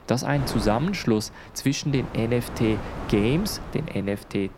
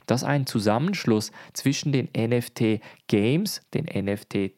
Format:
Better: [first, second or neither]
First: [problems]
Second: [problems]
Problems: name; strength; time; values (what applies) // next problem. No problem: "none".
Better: second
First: wind noise on the microphone; heavy; 10 dB below the speech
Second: none